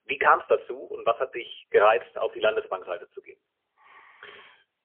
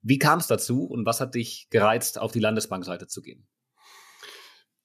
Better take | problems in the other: second | phone-call audio; poor line; nothing above 3 kHz

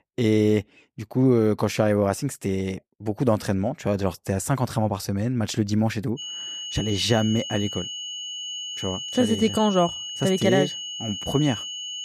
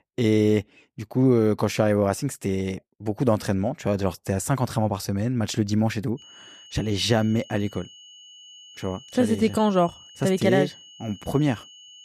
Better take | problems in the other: second | high-pitched whine; loud; from 6 s on; 3 kHz, 7 dB below the speech; faint in the second

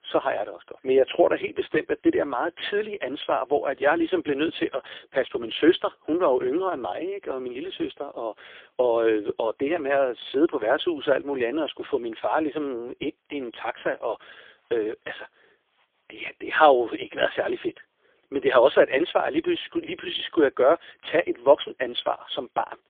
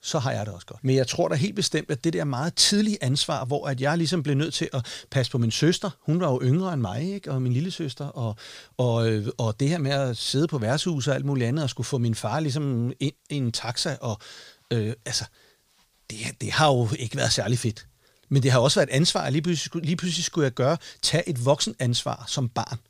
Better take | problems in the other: second | phone-call audio; poor line; nothing above 3.5 kHz

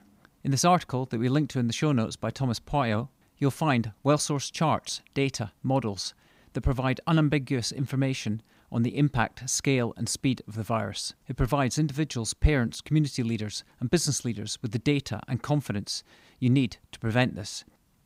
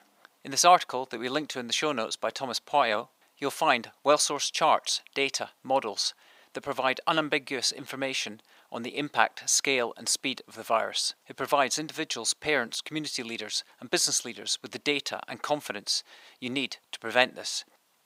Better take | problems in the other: first | thin; very; fading below 600 Hz

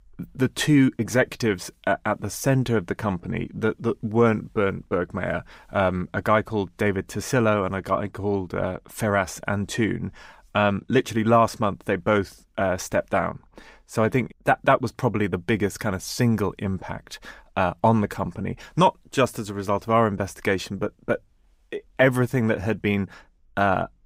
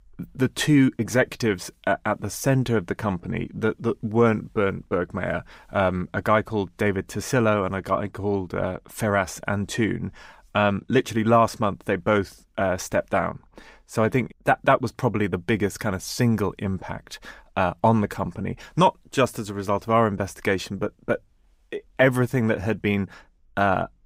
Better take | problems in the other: neither | none

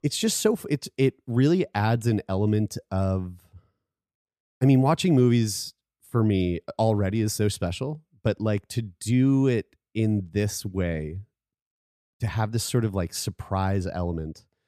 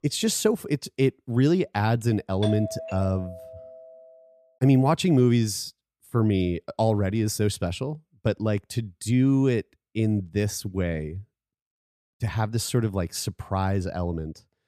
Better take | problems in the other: first | doorbell; noticeable; from 2.5 to 4 s; peak 8 dB below the speech

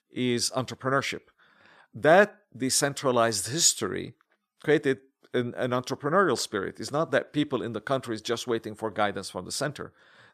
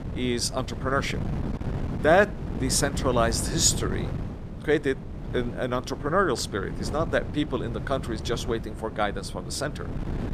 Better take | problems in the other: first | wind noise on the microphone; occasional gusts; 15 dB below the speech

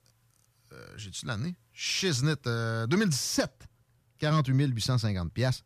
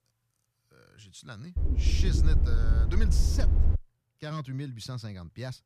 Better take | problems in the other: first | low rumble; loud; from 1.5 to 4 s; 3 dB below the speech

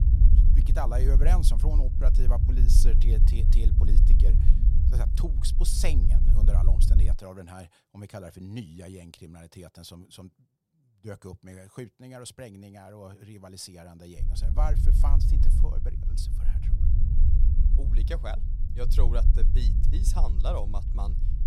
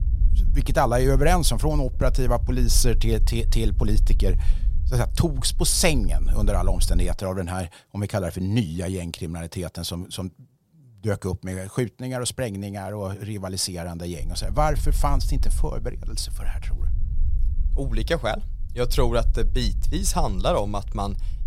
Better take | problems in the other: second | low rumble; loud; until 7 s and from 14 s on; 4 dB below the speech; faint in the second

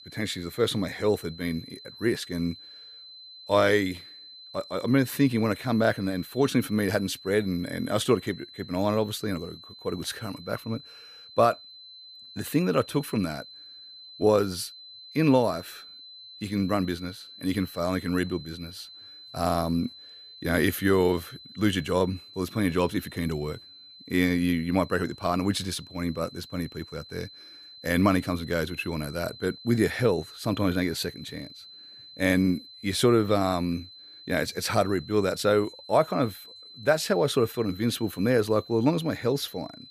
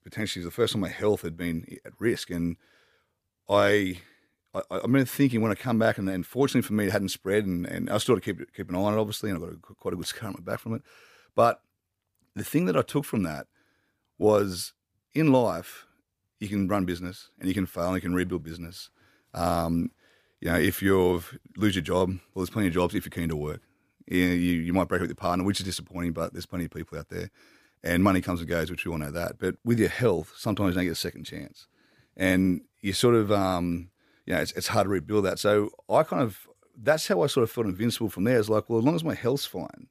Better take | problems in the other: second | high-pitched whine; noticeable; throughout; 4 kHz, 20 dB below the speech

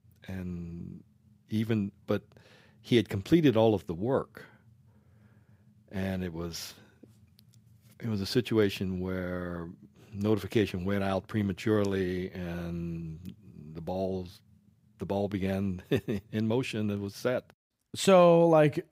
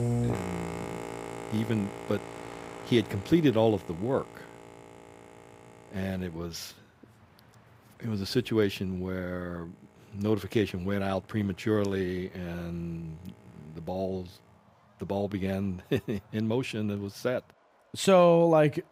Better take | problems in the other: first | train or aircraft noise; noticeable; throughout; 10 dB below the speech

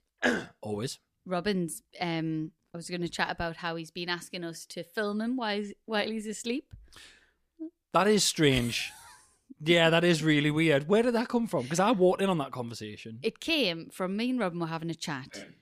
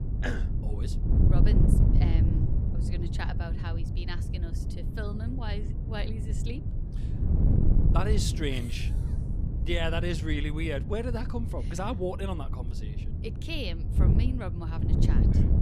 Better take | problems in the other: first | wind noise on the microphone; heavy; 4 dB below the speech

